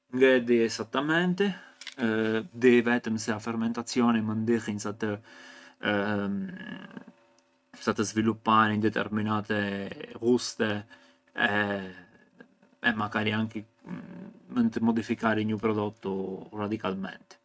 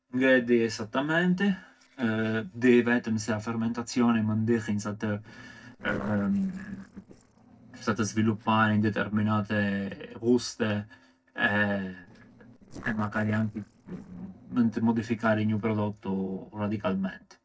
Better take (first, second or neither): first